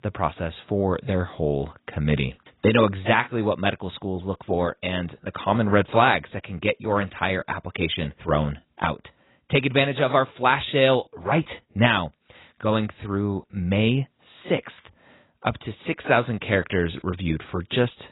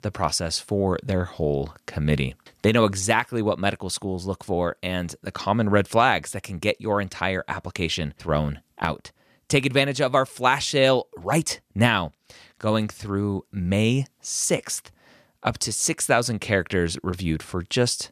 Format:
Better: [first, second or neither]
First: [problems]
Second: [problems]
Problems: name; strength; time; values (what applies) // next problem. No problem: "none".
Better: second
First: garbled, watery; badly; nothing above 4 kHz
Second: none